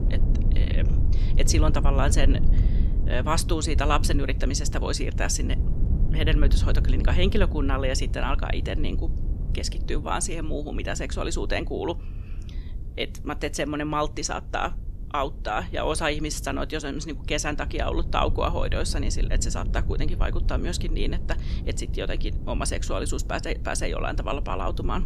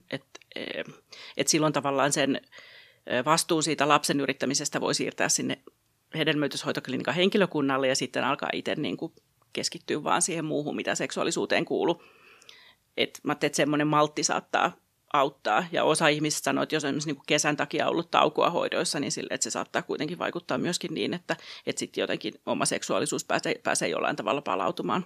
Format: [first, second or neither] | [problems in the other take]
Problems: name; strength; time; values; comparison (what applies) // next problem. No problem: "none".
second | low rumble; noticeable; throughout; 15 dB below the speech